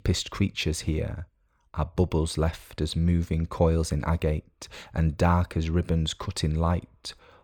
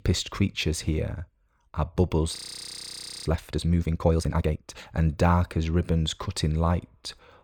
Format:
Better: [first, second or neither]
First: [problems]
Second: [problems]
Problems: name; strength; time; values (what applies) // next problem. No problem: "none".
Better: first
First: none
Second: audio freezing; at 2.5 s for 1 s